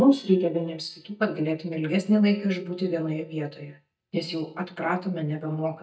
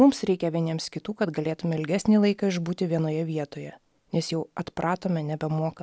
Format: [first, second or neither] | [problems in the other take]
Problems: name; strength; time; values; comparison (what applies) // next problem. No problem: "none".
second | noise reduction (neural mask model DeepFilterNet 3)